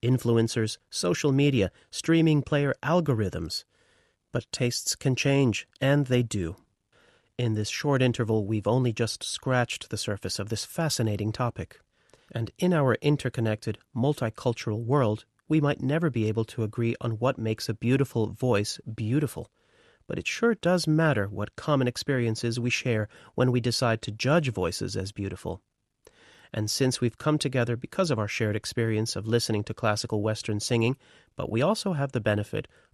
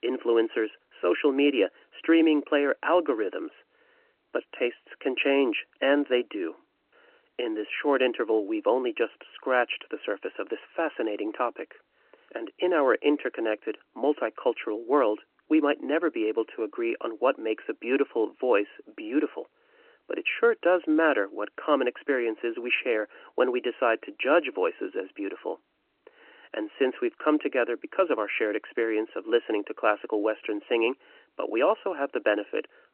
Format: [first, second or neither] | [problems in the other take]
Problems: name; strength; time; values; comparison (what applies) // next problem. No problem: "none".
first | phone-call audio; nothing above 3 kHz